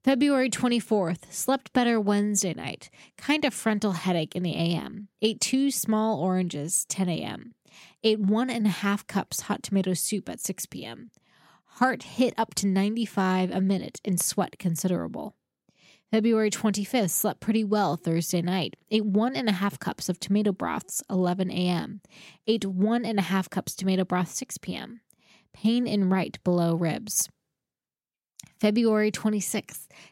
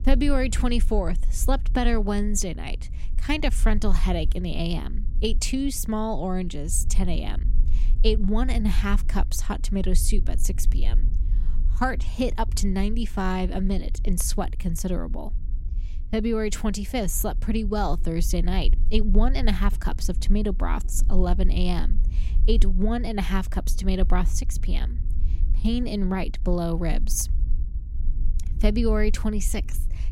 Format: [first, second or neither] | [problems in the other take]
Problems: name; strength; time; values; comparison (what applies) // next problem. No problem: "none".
first | low rumble; faint; throughout; 20 dB below the speech